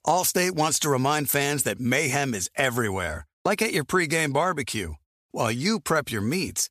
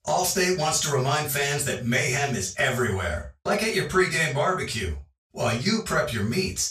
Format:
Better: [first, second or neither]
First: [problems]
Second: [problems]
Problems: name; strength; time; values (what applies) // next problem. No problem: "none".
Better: first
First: none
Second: room echo; slight; dies away in 0.2 s // off-mic speech; far